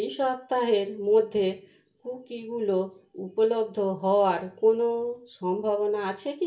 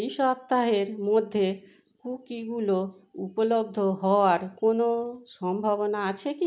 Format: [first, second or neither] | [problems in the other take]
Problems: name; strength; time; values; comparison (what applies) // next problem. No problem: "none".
second | room echo; dies away in 0.2 s